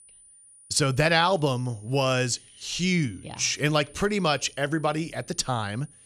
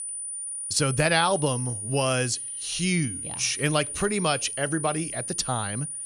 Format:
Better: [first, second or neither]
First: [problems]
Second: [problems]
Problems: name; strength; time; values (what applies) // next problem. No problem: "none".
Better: first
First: high-pitched whine; faint; throughout; 9.5 kHz, 25 dB below the speech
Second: high-pitched whine; loud; throughout; 9.5 kHz, 5 dB below the speech